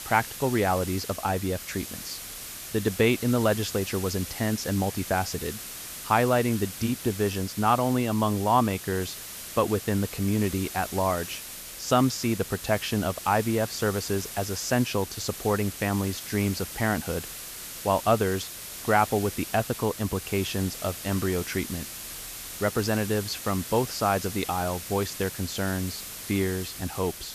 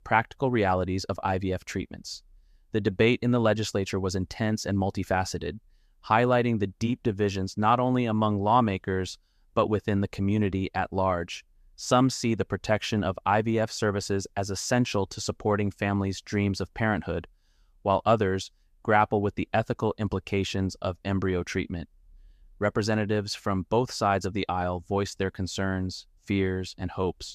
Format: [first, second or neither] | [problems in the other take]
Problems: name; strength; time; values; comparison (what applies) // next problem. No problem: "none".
second | hiss; loud; throughout; 9 dB below the speech